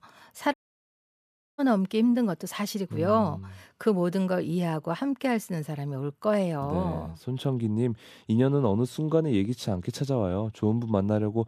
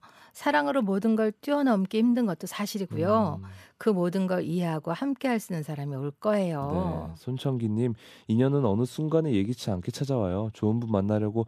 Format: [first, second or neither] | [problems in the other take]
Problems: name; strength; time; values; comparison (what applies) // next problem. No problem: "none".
second | audio cutting out; at 0.5 s for 1 s